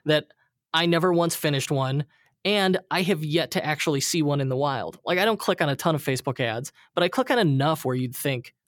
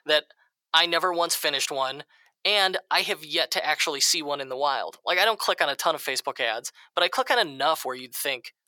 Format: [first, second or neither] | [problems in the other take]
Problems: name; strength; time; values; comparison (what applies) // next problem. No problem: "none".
first | thin; very; fading below 750 Hz